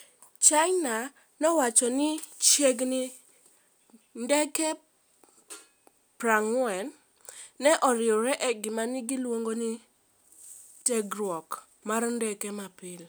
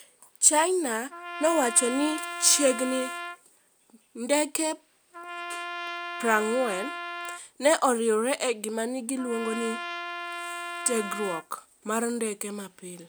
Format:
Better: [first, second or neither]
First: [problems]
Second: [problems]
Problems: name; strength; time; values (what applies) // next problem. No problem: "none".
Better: first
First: none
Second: background sound (Trumpet); 10 dB below the speech